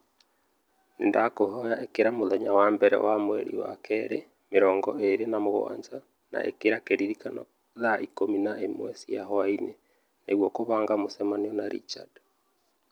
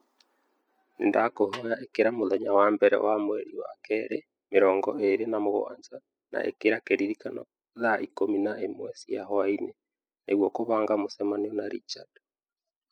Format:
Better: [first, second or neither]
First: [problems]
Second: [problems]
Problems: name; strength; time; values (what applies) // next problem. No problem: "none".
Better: first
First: none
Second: noise reduction (classical method spectral subtraction)